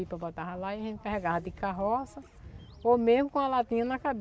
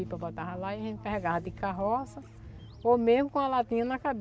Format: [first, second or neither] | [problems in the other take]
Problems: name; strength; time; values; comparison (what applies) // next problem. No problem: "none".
first | background sound (Bass guitar); 18 dB below the speech